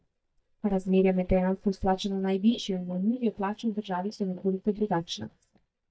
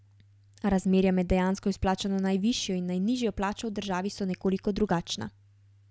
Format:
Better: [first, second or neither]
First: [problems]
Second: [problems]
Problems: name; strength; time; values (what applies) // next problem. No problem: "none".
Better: second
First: noise reduction (neural mask model DeepFilterNet 3)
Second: none